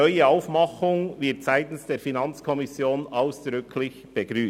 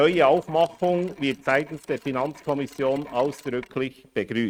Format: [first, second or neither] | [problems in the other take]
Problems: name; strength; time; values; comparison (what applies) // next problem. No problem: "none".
first | noise reduction (neural mask model RNNoise)